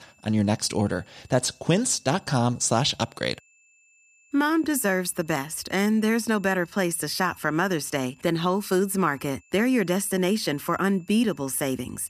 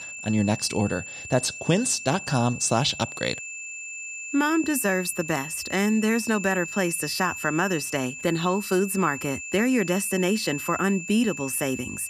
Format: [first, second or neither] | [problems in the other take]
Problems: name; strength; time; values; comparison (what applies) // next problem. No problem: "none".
first | high-pitched whine; loud; throughout; 2.5 kHz, 9 dB below the speech; faint in the first